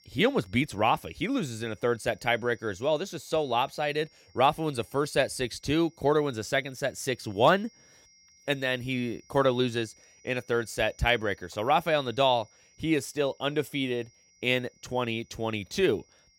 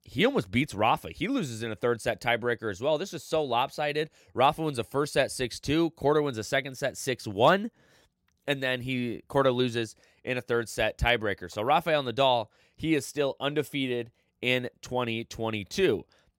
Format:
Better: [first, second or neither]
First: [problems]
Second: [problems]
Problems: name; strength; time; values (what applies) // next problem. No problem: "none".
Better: second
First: high-pitched whine; faint; throughout; 6 kHz, 30 dB below the speech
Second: none